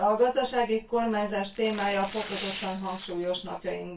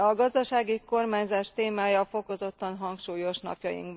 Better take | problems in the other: second | background sound (Tearing); 16 dB below the speech // room echo; dies away in 0.2 s

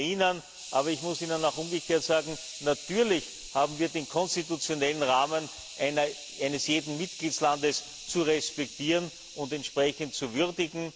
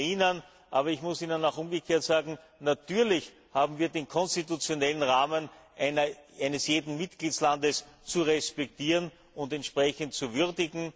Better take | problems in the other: second | background sound (Hiss); 14 dB below the speech

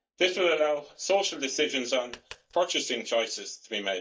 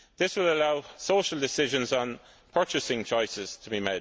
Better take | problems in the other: second | noise reduction (neural mask model DeepFilterNet 3)

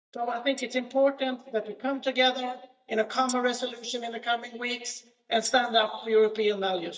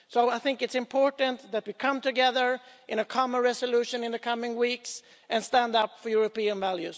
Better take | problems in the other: second | noise reduction (neural mask model DeepFilterNet 3)

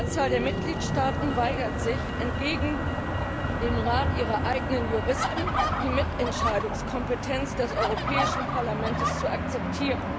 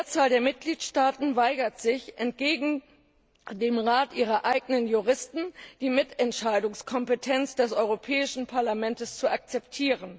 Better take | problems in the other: second | background sound (Motor vehicle (road) + Fowl); 2 dB above the speech

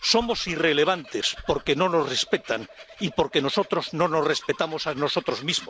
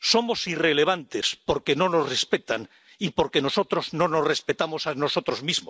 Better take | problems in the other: second | background sound (Run + Bird vocalization, bird call, bird song); 19 dB below the speech

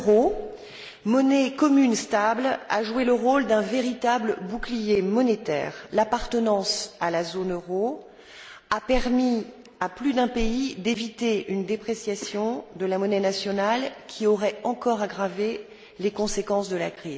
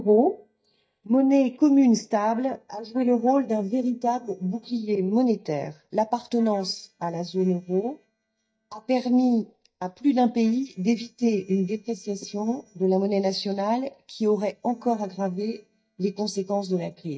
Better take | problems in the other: first | noise reduction (neural mask model DeepFilterNet 3)

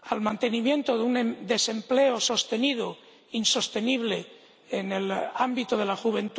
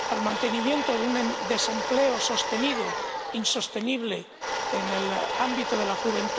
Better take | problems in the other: first | background sound (Domestic sounds, home sounds); 2 dB below the speech

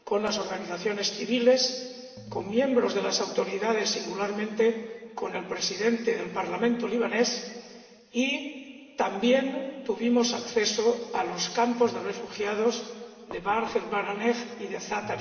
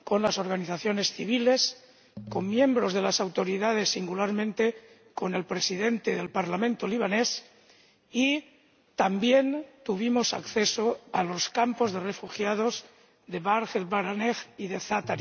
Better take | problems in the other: second | background sound (Knock); 18 dB below the speech // room echo; dies away in 2 s

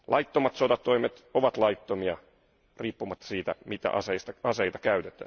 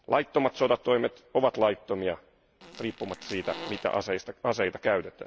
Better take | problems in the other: first | background sound (Fart); 15 dB below the speech

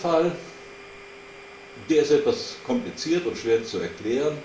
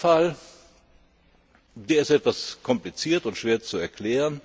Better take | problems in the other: second | background sound (Domestic sounds, home sounds); 18 dB below the speech // room echo; dies away in 0.5 s

